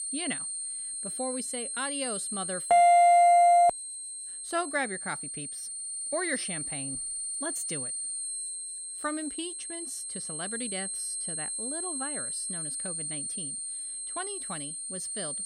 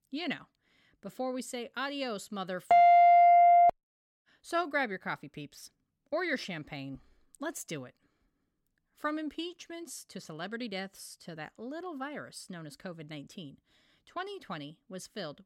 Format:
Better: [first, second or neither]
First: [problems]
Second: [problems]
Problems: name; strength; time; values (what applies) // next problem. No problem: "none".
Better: second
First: high-pitched whine; loud; throughout; 8.5 kHz, 6 dB below the speech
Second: none